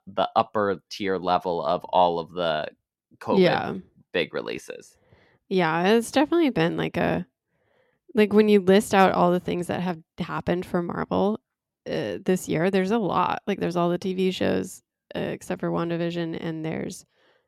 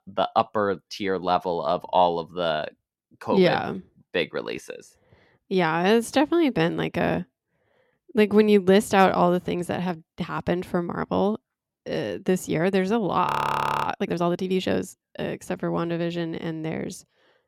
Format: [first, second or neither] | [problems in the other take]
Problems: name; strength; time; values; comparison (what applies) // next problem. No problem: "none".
first | audio freezing; at 13 s for 0.5 s